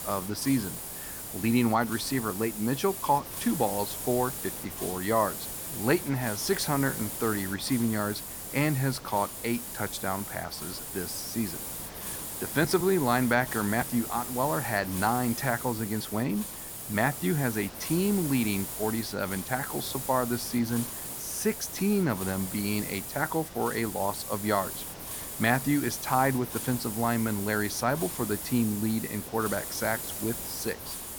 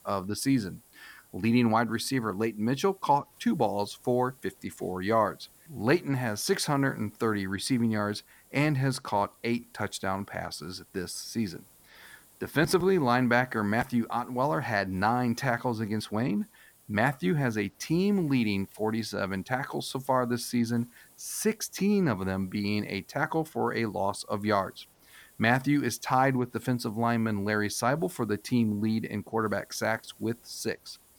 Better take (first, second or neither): second